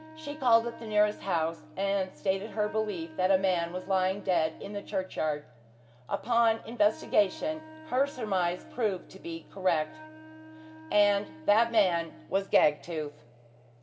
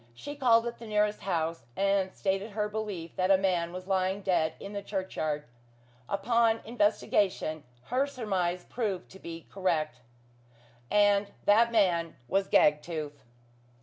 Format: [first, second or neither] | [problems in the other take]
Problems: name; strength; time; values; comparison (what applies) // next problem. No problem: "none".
second | background sound (Wind instrument, woodwind instrument); 20 dB below the speech // room echo; dies away in 2.1 s